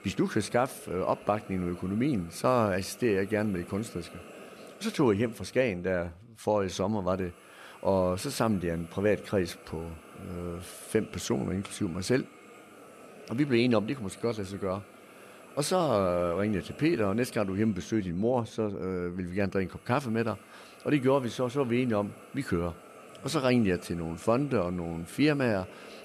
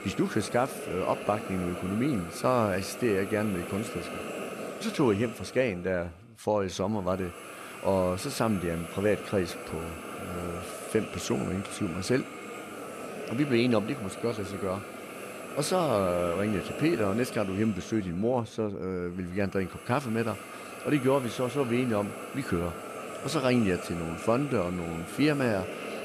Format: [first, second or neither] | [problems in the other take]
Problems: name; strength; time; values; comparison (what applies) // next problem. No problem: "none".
first | hiss; loud; throughout; 10 dB below the speech; faint in the first